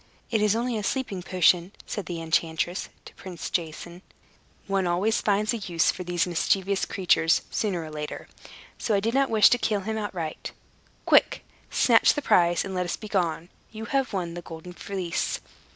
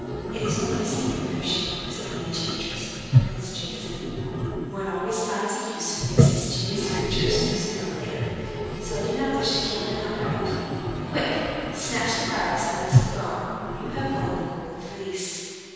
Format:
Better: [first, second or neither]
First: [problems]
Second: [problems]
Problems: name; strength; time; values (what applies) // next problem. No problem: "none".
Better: first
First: none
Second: background sound (Toilet flush); 2 dB above the speech // room echo; dies away in 2.1 s